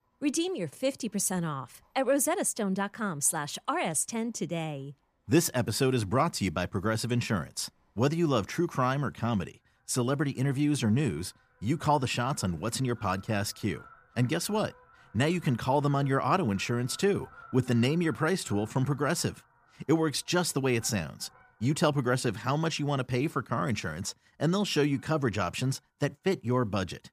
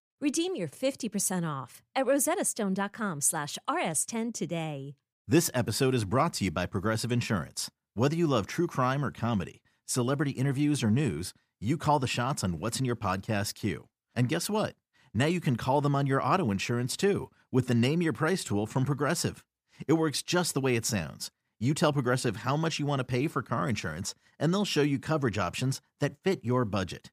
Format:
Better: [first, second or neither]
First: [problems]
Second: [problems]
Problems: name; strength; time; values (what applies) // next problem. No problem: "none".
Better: second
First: animal sounds; faint; throughout; 25 dB below the speech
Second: none